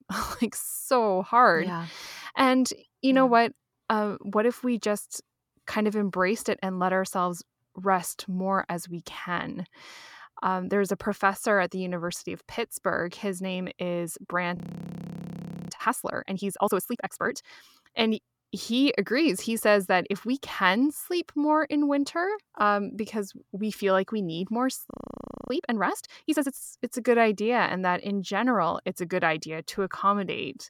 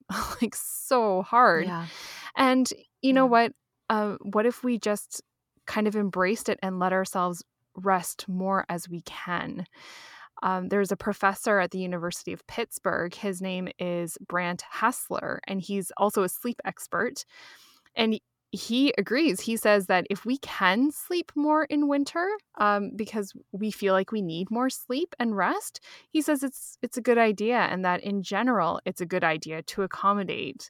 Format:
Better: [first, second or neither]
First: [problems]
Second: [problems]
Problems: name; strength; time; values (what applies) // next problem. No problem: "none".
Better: second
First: audio freezing; at 15 s for 1 s and at 25 s for 0.5 s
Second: none